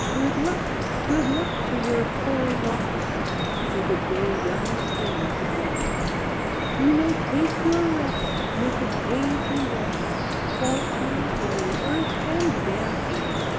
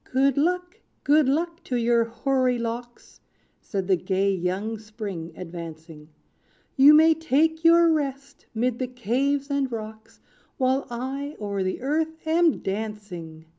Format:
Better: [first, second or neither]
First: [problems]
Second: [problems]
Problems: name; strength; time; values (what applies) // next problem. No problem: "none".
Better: second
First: background sound (Drip); 2 dB above the speech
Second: none